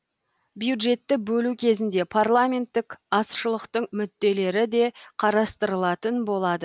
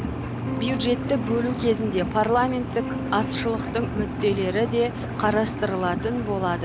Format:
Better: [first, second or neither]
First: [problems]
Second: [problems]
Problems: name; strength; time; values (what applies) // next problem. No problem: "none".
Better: first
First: none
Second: background sound (Electric guitar / Strum + Engine); 4 dB below the speech